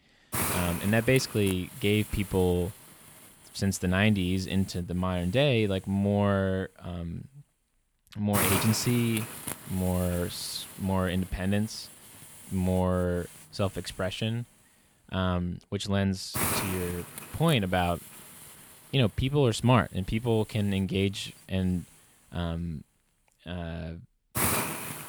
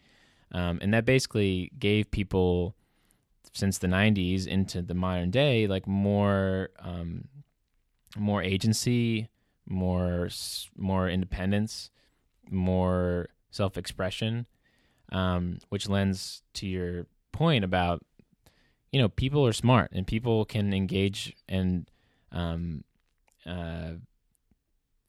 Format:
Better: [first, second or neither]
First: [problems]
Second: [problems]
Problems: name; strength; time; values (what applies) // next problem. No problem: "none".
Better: second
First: hiss; loud; throughout; 5 dB below the speech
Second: none